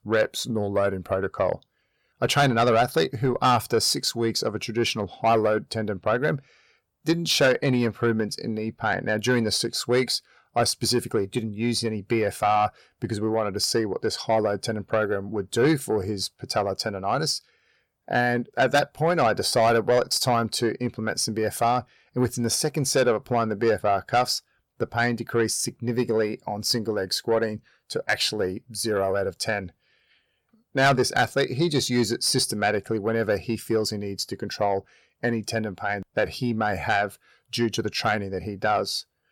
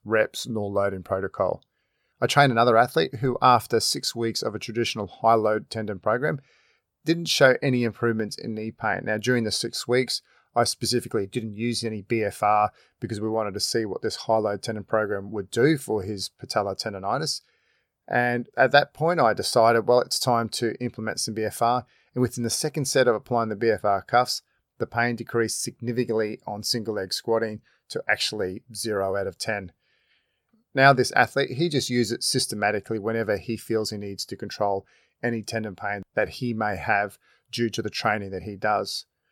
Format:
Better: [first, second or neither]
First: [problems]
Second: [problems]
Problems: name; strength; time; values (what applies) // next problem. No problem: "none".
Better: second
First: distortion; slight; 10 dB below the speech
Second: none